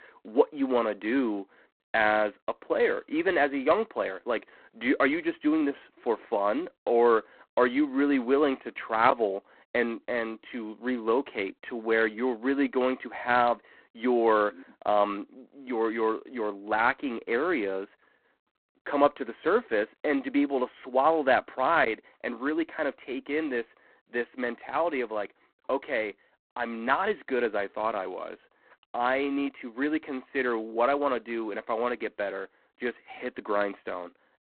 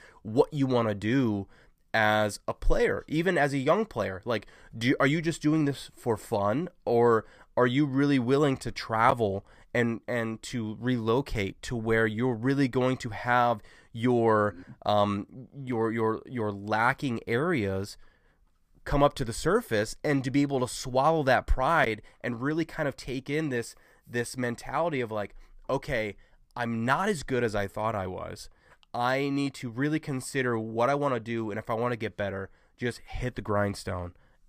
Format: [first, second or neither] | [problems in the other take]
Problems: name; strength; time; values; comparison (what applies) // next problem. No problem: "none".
second | phone-call audio; poor line; nothing above 4 kHz